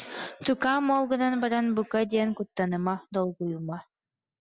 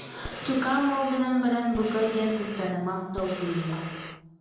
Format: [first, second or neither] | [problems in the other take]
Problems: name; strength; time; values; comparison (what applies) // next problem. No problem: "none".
first | background sound (Breathing); 13 dB below the speech // room echo; dies away in 0.8 s